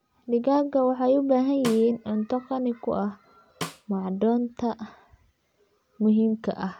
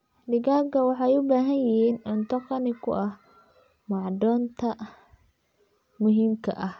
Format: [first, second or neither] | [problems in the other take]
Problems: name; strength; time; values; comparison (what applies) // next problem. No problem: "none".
second | background sound (Snare drum); 14 dB below the speech